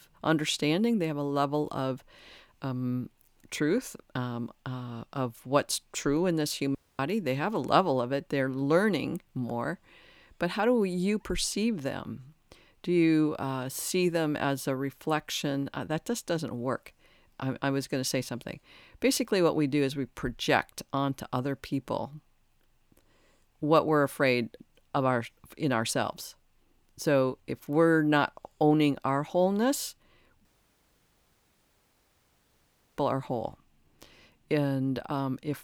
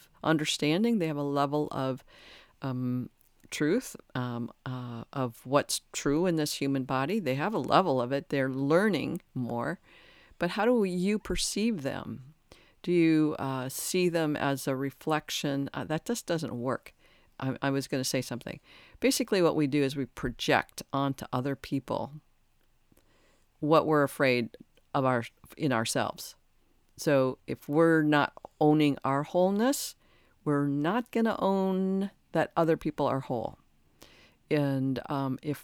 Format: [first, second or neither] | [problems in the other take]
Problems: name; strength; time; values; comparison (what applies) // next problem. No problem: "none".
second | audio cutting out; at 7 s and at 30 s for 2.5 s